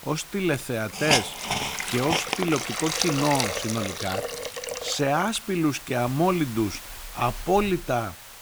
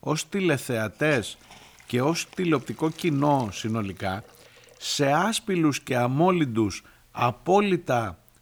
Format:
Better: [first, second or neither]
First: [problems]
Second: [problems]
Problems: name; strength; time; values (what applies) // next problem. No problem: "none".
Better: second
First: hiss; loud; throughout; 3 dB below the speech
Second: hiss; faint; throughout; 25 dB below the speech